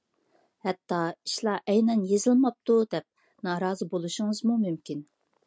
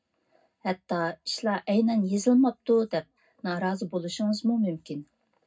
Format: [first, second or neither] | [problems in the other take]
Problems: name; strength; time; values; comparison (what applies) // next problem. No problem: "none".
first | room echo; dies away in 0.3 s